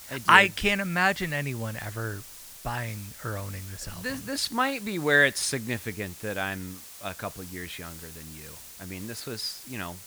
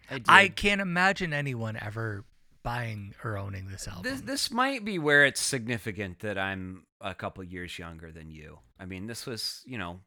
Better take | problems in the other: second | hiss; noticeable; throughout; 15 dB below the speech

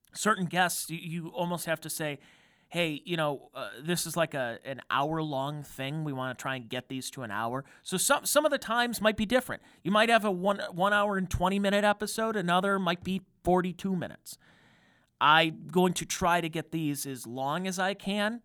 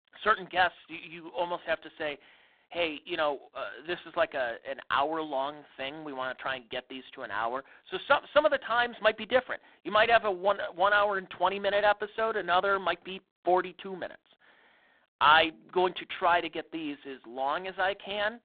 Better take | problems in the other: first | phone-call audio; poor line; nothing above 3.5 kHz

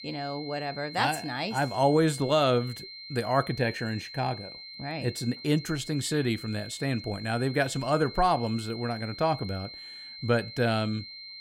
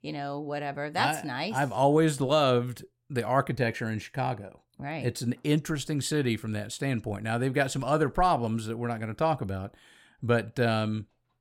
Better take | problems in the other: second | high-pitched whine; noticeable; throughout; 4 kHz, 10 dB below the speech

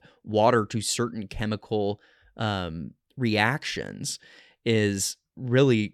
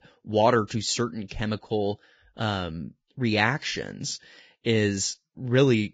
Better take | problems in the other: first | garbled, watery; badly; nothing above 7.5 kHz

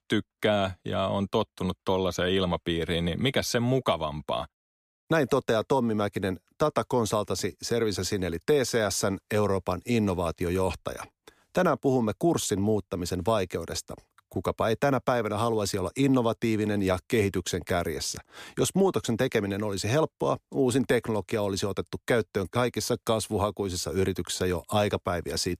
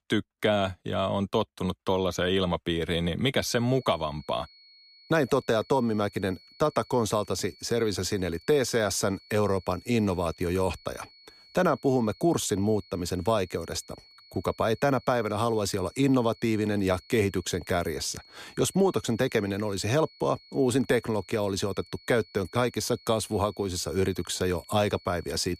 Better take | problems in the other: first | high-pitched whine; faint; from 3.5 s on; 4.5 kHz, 25 dB below the speech

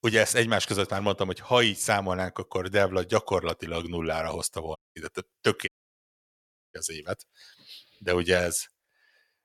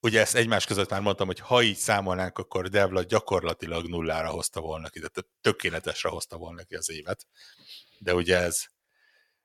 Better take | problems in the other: second | audio cutting out; at 5 s and at 5.5 s for 1 s

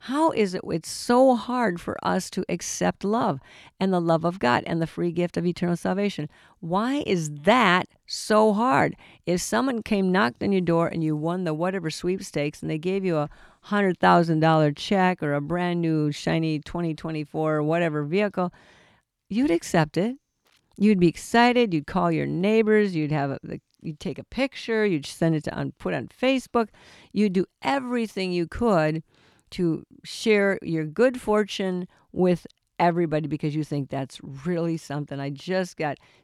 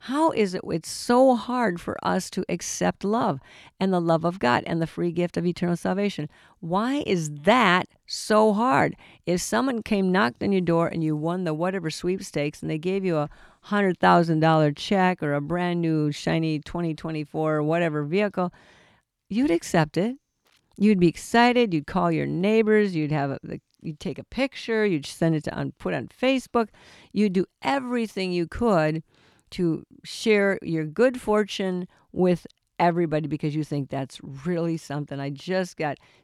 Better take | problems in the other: neither | none

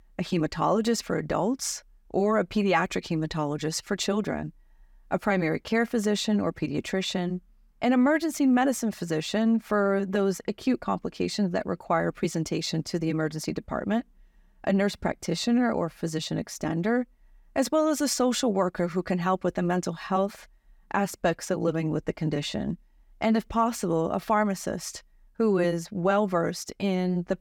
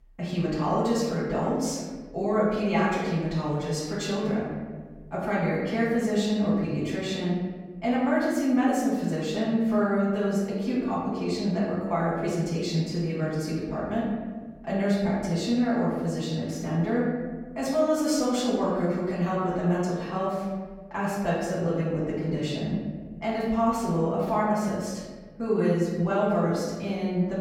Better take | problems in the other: first | off-mic speech; far // room echo; noticeable; dies away in 1.4 s

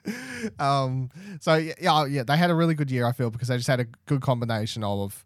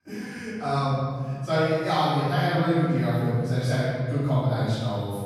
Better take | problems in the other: first | off-mic speech; far // room echo; strong; dies away in 1.9 s

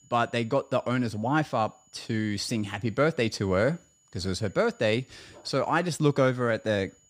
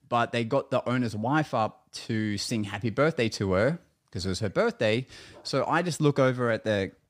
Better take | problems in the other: second | high-pitched whine; faint; throughout; 7 kHz, 35 dB below the speech

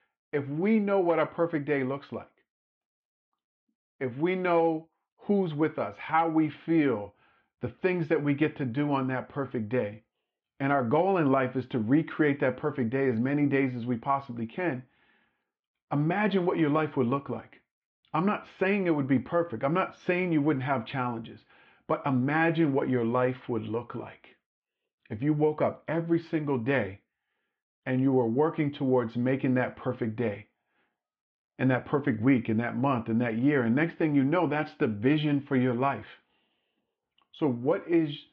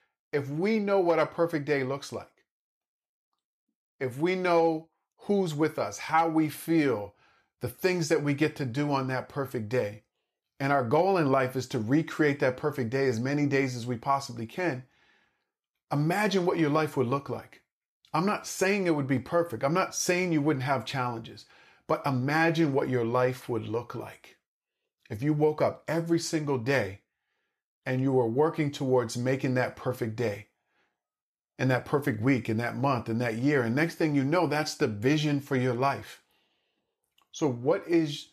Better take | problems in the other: second | muffled; very; fading above 3 kHz

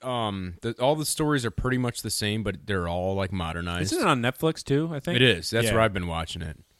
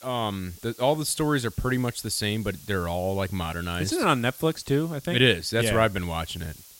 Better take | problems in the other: first | hiss; faint; throughout; 20 dB below the speech

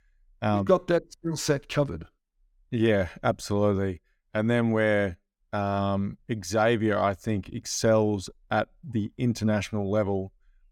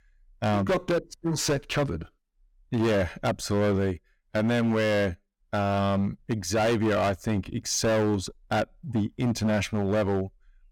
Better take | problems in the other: first | distortion; heavy; 14% of the sound clipped

